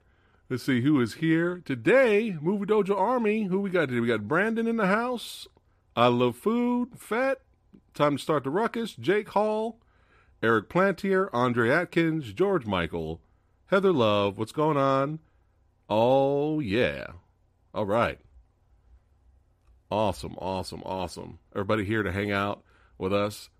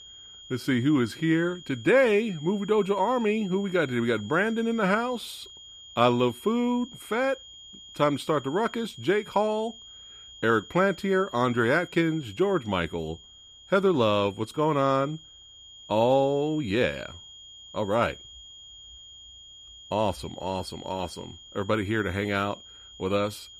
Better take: first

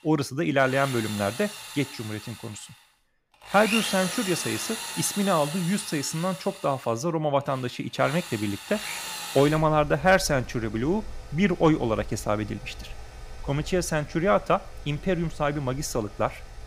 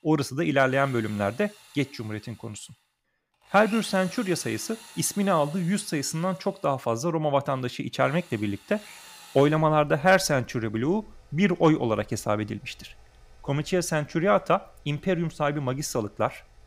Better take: second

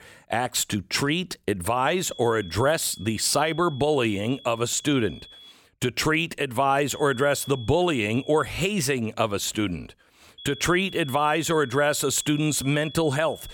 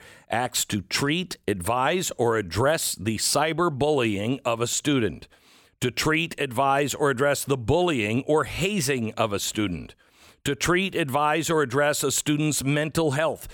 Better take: second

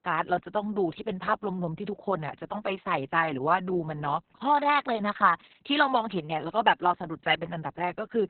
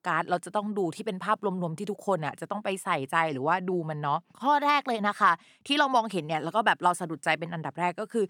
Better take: second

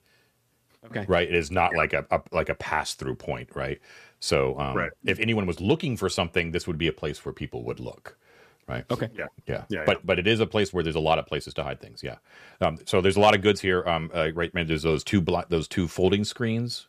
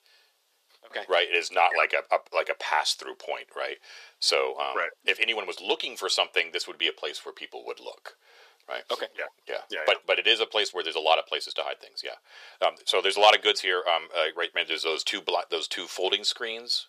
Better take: first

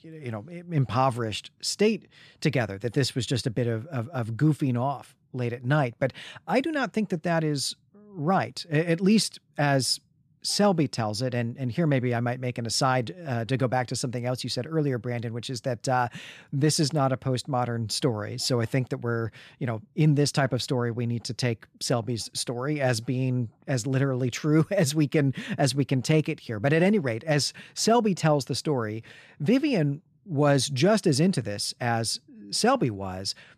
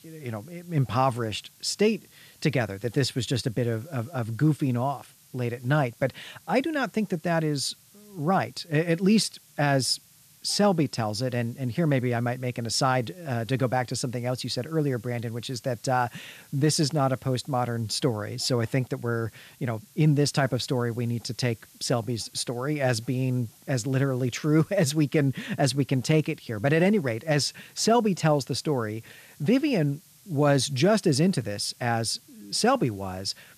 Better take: first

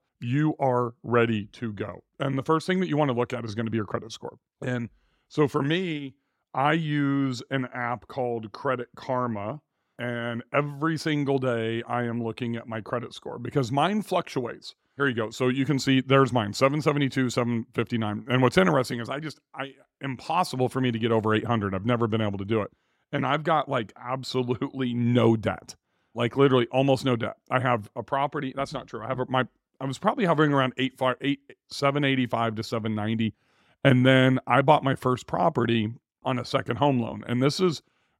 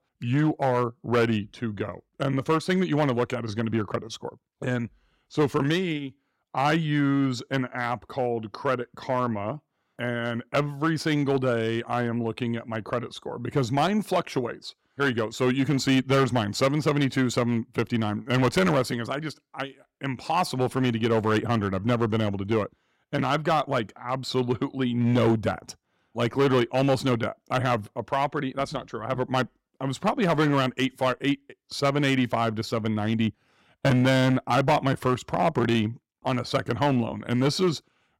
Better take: first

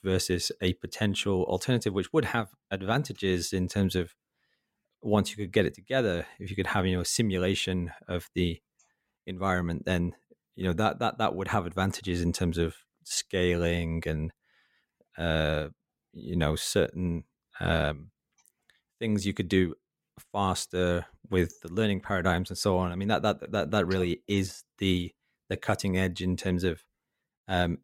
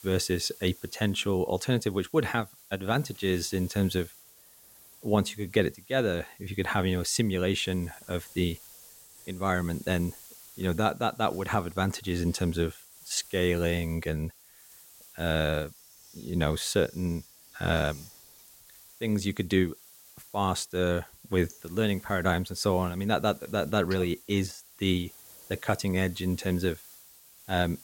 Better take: first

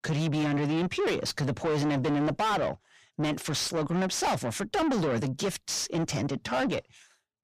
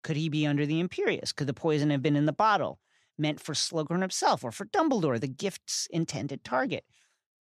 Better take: second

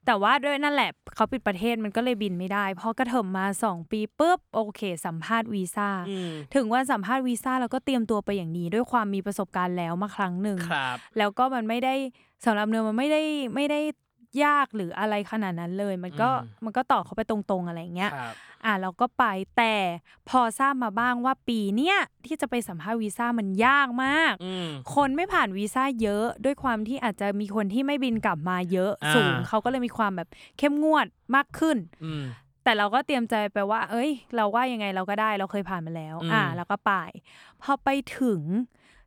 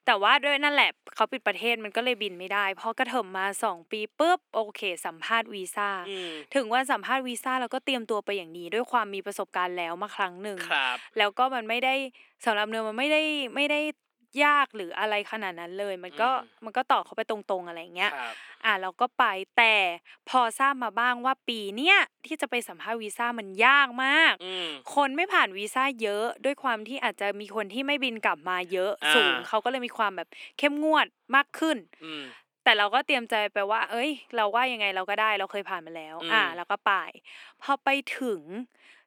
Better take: first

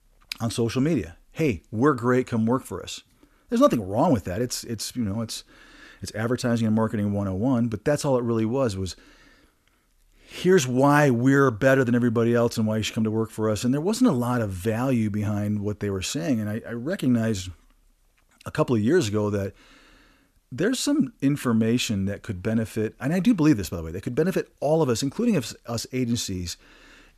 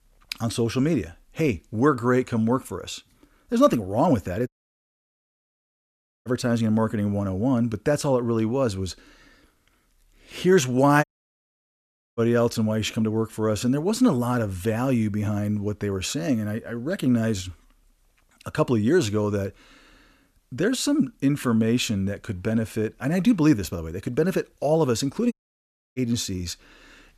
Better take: first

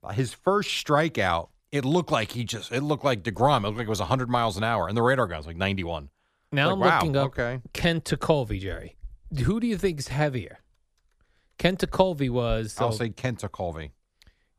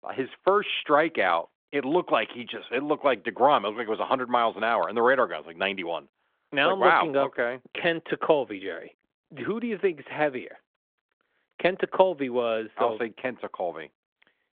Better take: first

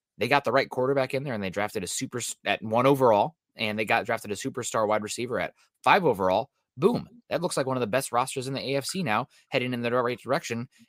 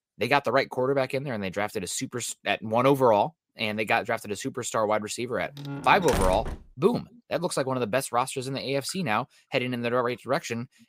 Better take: first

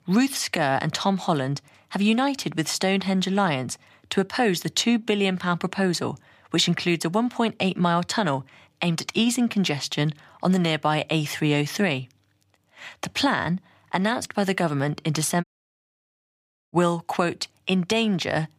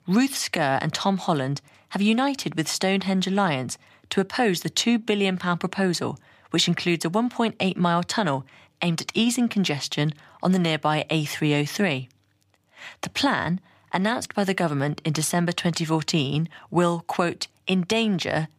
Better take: second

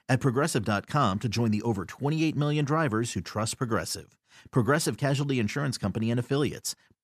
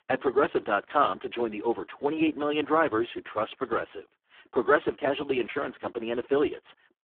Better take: first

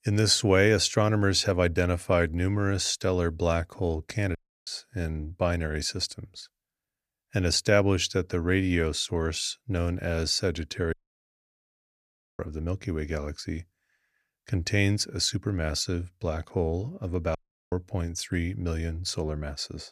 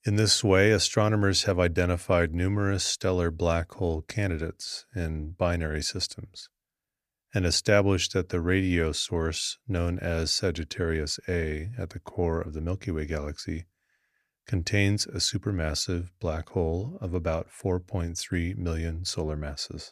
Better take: second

